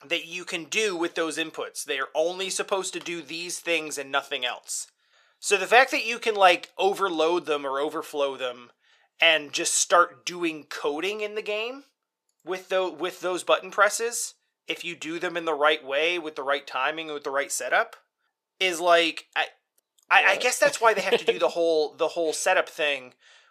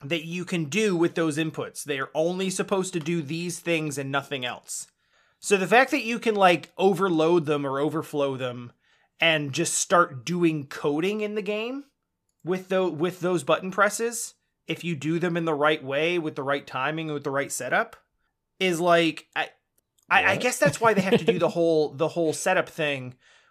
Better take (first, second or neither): second